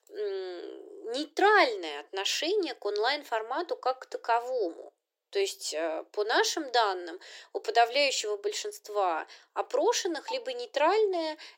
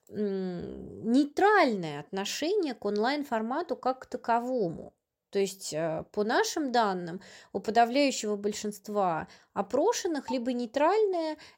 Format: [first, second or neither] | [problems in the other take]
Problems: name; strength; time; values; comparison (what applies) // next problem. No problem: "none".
second | thin; very; fading below 350 Hz